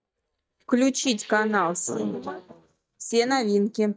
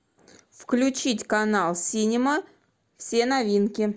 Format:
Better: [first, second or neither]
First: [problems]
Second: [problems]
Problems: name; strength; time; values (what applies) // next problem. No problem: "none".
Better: second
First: noise reduction (neural mask model DeepFilterNet 3)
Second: none